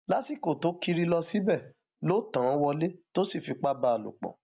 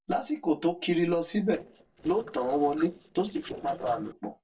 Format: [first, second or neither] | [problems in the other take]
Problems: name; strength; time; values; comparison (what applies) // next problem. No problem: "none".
first | noise reduction (neural separator model SepFormer DNS4)